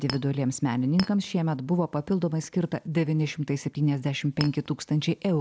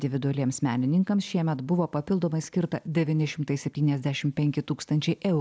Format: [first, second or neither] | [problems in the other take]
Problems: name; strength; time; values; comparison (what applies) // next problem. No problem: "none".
second | background sound (Chink, clink); 13 dB below the speech